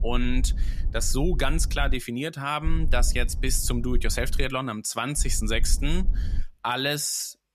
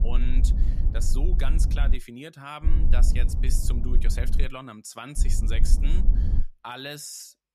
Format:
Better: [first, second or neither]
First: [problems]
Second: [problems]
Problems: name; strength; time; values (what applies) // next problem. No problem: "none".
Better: first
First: low rumble; faint; until 2 s, from 2.5 to 4.5 s and from 5 to 6.5 s; 20 dB below the speech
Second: low rumble; loud; until 2 s, from 2.5 to 4.5 s and from 5 to 6.5 s; 8 dB below the speech